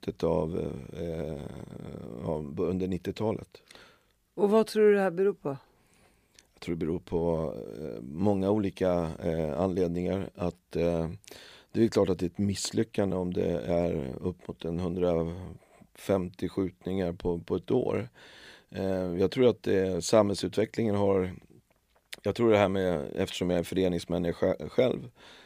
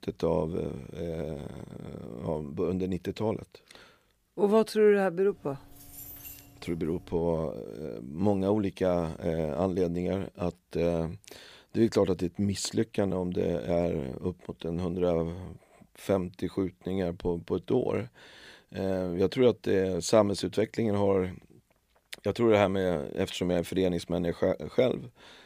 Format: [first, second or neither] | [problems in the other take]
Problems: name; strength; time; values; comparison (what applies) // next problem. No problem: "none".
first | jangling keys; faint; from 5.5 to 7 s; peak 10 dB below the speech